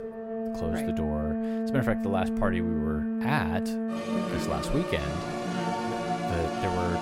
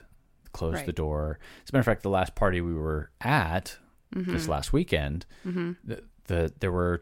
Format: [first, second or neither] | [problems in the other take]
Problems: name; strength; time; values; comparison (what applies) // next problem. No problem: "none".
second | background music; very loud; throughout; 2 dB above the speech